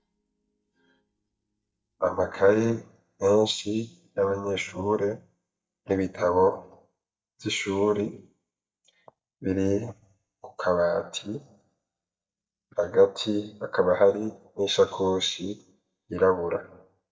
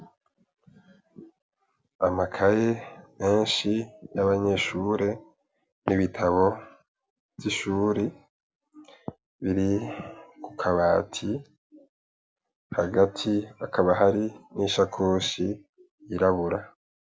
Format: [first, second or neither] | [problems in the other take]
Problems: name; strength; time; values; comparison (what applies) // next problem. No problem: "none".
second | noise reduction (neural mask model DeepFilterNet 3)